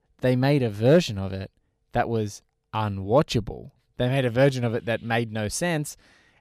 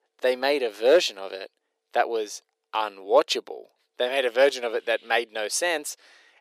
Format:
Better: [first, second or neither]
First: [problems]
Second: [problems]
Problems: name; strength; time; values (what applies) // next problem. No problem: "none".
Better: first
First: none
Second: thin; very; fading below 350 Hz